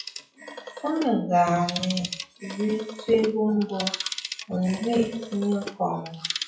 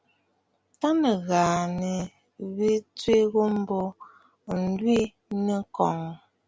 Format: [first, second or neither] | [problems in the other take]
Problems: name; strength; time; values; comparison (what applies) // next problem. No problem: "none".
second | noise reduction (classical method WPE with log-MMSE)